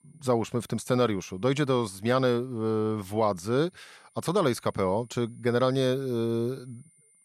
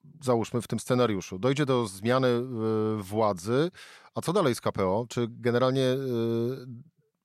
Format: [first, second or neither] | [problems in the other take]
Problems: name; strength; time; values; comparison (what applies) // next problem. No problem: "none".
second | high-pitched whine; faint; throughout; 9 kHz, 35 dB below the speech